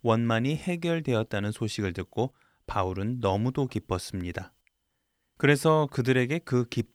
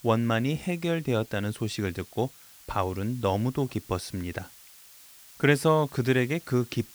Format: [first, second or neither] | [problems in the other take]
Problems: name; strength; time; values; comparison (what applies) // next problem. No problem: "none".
first | hiss; faint; throughout; 20 dB below the speech